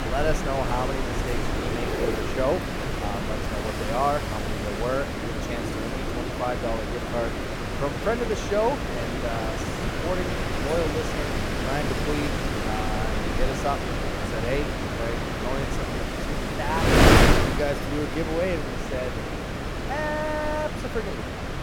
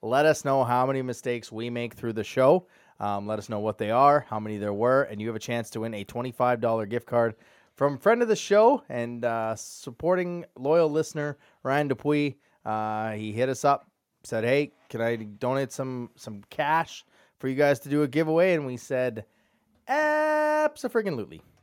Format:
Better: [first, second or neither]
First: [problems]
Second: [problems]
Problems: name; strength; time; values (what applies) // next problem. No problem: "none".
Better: second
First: wind noise on the microphone; heavy; 2 dB above the speech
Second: none